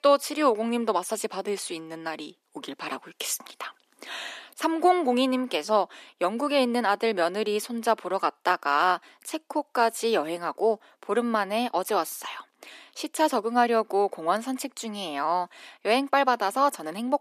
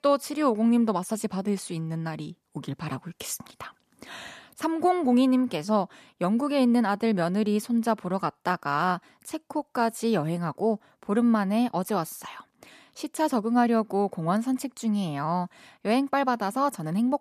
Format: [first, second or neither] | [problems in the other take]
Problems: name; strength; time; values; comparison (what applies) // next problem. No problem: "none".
second | thin; somewhat; fading below 300 Hz